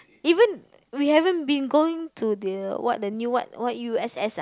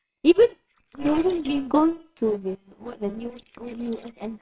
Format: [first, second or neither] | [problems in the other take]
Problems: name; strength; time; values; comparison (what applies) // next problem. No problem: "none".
first | noise reduction (neural separator model SepFormer WHAMR!)